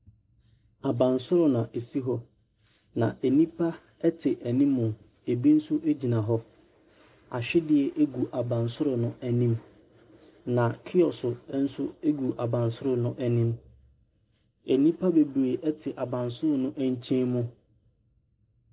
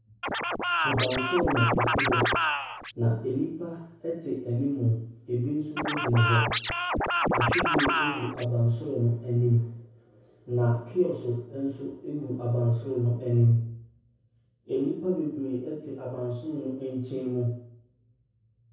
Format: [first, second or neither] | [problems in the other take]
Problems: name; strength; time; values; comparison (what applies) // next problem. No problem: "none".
first | background sound (Scratching (performance technique)); 2 dB above the speech // room echo; dies away in 0.6 s